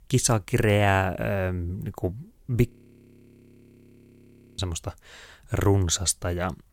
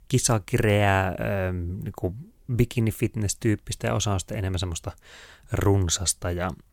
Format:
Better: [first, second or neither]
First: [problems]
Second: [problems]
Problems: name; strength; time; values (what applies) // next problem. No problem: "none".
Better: second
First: audio freezing; at 2.5 s for 2 s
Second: none